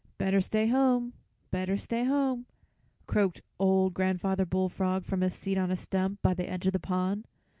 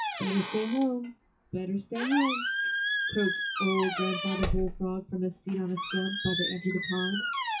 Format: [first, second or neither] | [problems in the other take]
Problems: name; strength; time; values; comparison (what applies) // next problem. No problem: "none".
first | noise reduction (classical method WPE with log-MMSE)